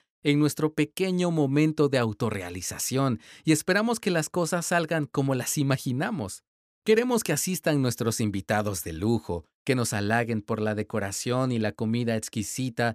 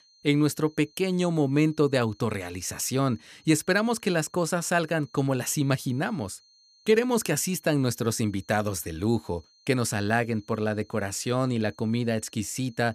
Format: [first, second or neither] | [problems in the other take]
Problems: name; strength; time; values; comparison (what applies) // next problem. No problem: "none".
first | high-pitched whine; faint; throughout; 4 kHz, 30 dB below the speech